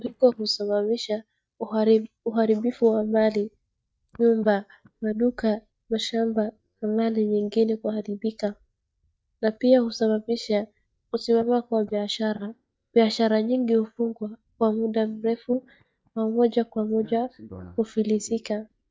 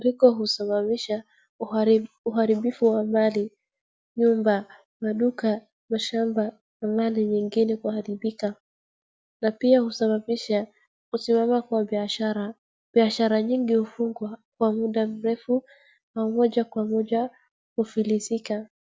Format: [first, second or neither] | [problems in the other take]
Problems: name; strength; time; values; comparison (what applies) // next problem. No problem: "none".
second | noise reduction (neural mask model DeepFilterNet 3)